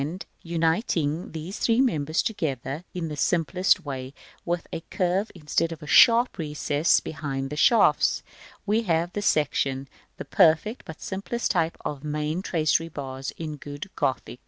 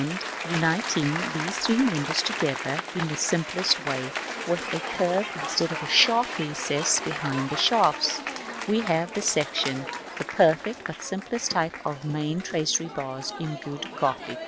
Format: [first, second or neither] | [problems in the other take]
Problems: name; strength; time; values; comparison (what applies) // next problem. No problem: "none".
first | background sound (Applause / Cheering); 7 dB below the speech